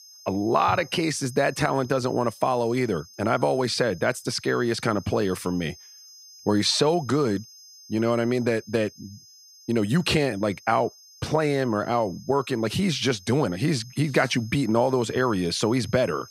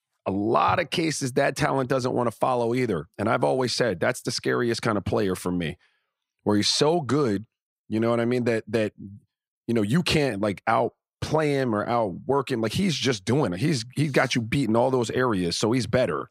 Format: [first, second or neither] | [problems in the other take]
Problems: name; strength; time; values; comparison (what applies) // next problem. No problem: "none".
second | high-pitched whine; faint; throughout; 5 kHz, 20 dB below the speech